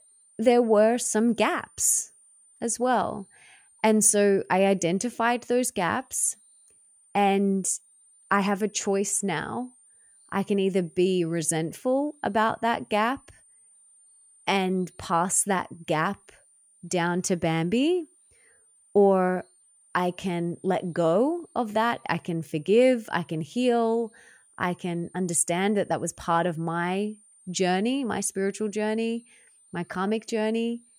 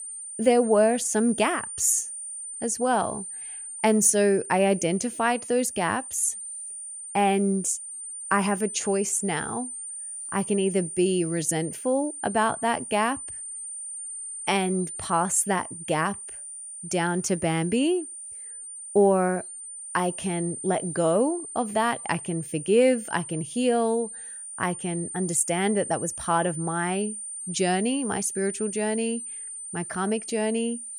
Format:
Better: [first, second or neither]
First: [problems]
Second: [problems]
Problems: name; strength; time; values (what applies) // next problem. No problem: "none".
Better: first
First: high-pitched whine; faint; throughout; 9 kHz, 30 dB below the speech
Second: high-pitched whine; loud; throughout; 9 kHz, 9 dB below the speech